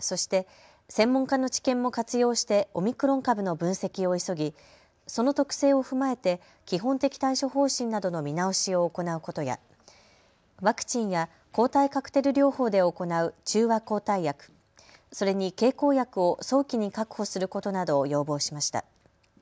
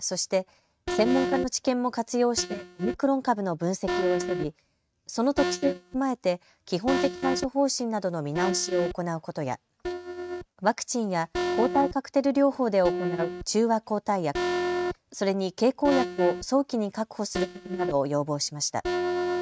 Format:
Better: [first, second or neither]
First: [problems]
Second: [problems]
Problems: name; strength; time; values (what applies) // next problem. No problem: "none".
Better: first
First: none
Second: noise reduction (neural mask model RNNoise)